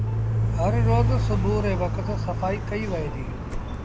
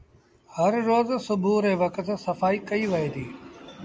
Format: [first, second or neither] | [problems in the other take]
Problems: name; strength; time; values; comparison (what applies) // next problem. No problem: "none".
second | background sound (Car); 5 dB above the speech